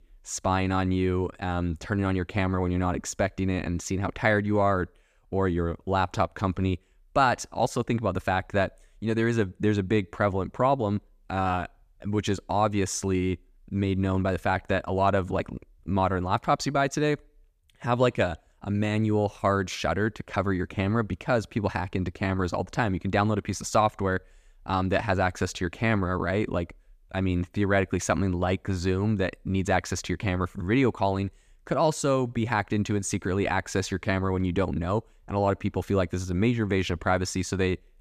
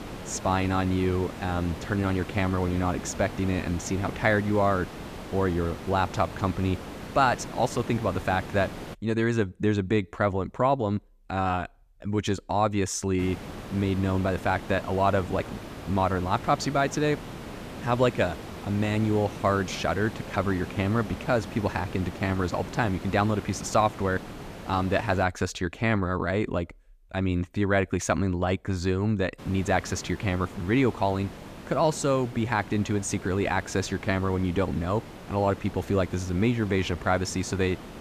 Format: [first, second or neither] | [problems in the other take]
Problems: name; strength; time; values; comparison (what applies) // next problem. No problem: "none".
first | hiss; noticeable; until 9 s, from 13 to 25 s and from 29 s on; 15 dB below the speech